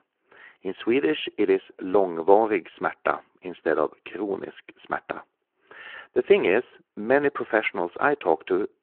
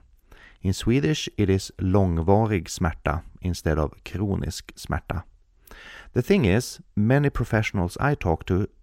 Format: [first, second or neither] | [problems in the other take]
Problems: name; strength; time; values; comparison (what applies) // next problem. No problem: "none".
second | phone-call audio